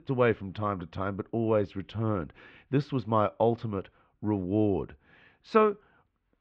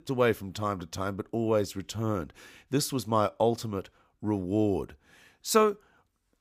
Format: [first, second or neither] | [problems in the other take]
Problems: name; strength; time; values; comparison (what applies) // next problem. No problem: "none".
second | muffled; very; fading above 3 kHz